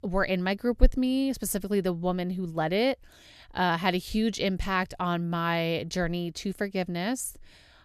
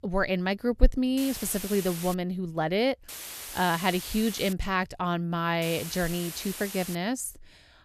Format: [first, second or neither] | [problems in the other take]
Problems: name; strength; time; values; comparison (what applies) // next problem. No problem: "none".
first | hiss; loud; at 1 s, from 3 to 4.5 s and from 5.5 to 7 s; 10 dB below the speech